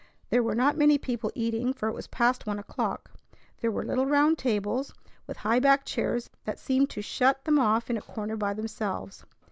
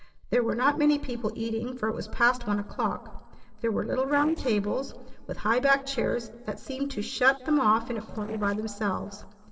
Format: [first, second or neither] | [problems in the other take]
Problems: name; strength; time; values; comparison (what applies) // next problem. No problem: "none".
first | noise reduction (neural separator model SepFormer DNS4)